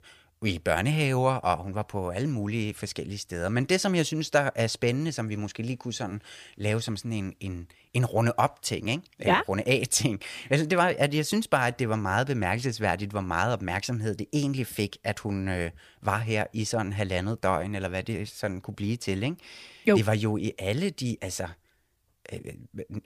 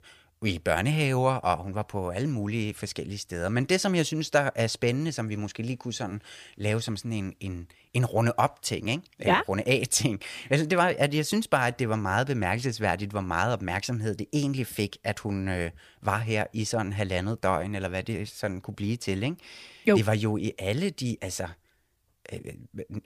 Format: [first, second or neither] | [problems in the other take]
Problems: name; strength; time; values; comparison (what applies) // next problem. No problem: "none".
neither | none